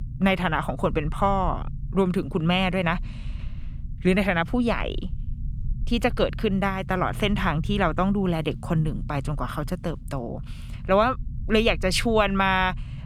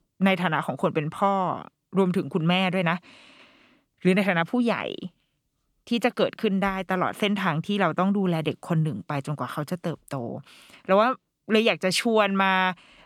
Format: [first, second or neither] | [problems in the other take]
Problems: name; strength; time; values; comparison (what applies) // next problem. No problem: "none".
second | low rumble; faint; throughout; 25 dB below the speech